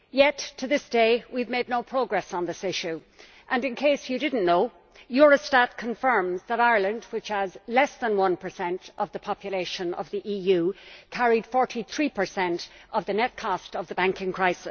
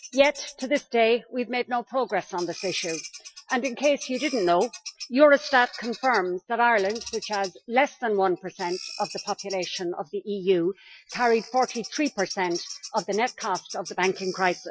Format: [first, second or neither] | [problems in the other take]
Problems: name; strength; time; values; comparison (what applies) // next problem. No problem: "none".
first | noise reduction (classical method Wiener filter)